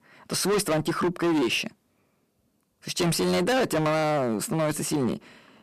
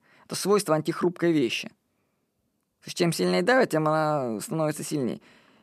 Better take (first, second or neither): second